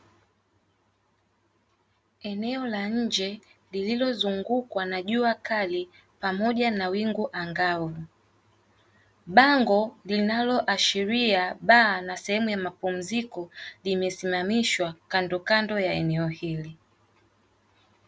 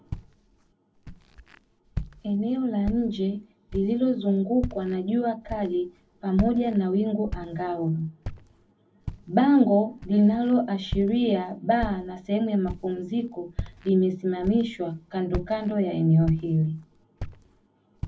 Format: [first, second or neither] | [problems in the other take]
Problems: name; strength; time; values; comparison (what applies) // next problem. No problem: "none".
first | background sound (Walk, footsteps); 13 dB below the speech // room echo; dies away in 0.3 s